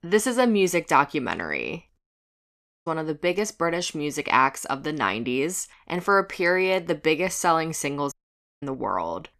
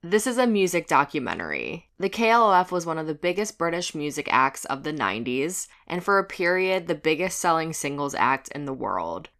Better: second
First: audio cutting out; at 2 s for 1 s and at 8 s for 0.5 s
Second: none

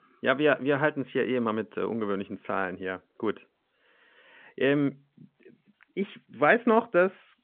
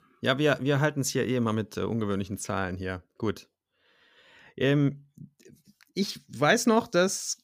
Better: second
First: phone-call audio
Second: none

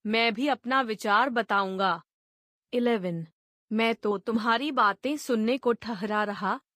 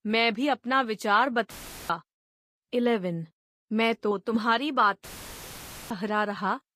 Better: first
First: none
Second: audio cutting out; filled with static; at 1.5 s and at 5 s for 1 s

